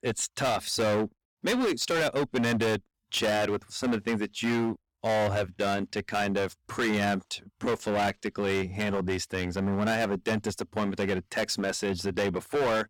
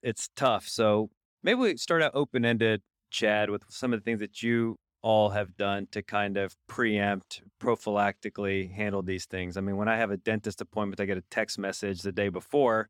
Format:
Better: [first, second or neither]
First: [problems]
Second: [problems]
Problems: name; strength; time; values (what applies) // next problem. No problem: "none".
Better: second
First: distortion; heavy; 18% of the sound clipped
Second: none